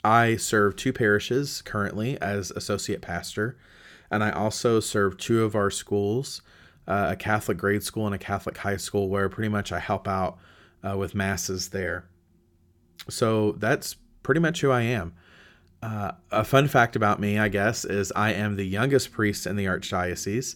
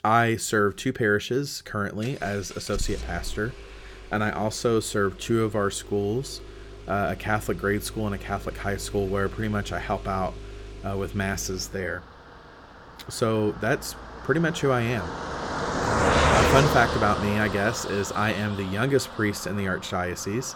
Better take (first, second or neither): first